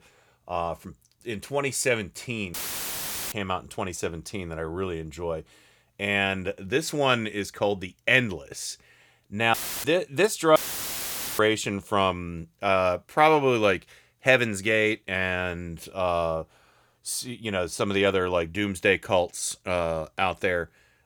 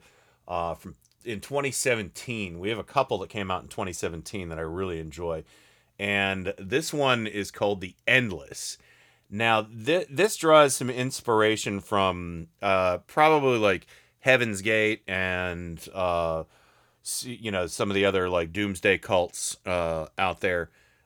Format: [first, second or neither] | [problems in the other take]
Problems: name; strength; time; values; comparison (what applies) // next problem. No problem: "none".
second | audio cutting out; filled with static; at 2.5 s for 1 s, at 9.5 s and at 11 s for 1 s